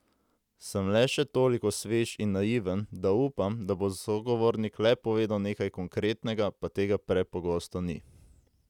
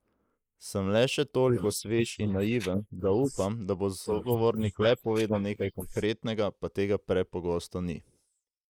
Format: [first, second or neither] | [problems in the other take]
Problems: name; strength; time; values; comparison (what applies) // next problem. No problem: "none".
first | noise reduction (neural mask model Resemble Enhance denoiser)